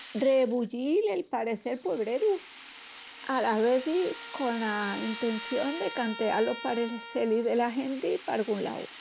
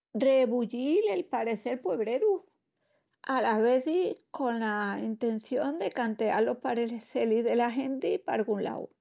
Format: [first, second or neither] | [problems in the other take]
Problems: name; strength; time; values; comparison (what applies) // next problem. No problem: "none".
second | background sound (Rattle (instrument) + Trumpet); 15 dB below the speech